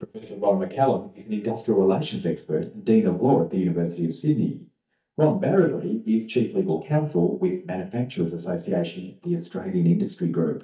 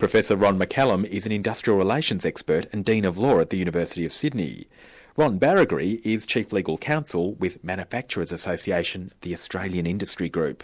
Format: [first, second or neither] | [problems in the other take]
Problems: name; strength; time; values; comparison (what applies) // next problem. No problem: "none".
second | noise reduction (neural mask model DeepFilterNet 3)